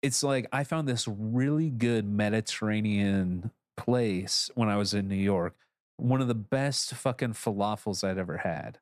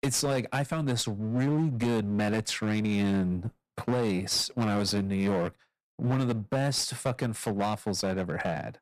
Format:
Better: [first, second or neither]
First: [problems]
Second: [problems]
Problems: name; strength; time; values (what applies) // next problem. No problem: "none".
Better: first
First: none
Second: distortion; slight; 17% of the sound clipped